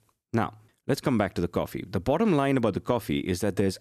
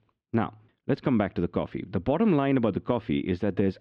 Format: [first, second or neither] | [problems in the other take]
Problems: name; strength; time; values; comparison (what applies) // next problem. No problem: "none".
first | muffled; slightly; fading above 3 kHz